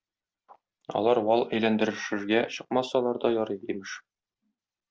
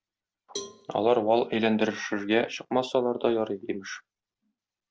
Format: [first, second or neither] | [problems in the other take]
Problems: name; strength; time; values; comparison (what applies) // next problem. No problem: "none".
first | background sound (Cowbell); 18 dB below the speech